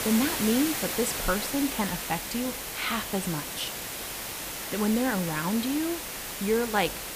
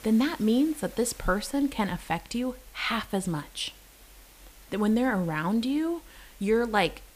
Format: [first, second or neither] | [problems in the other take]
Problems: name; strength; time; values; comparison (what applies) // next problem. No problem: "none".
second | hiss; loud; throughout; 3 dB below the speech; faint in the second